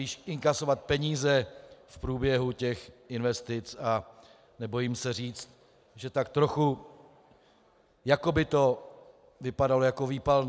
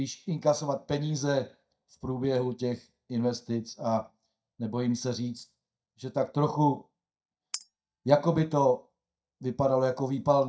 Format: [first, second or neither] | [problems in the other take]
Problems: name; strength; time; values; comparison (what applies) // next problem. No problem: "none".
first | noise reduction (neural mask model DeepFilterNet 3)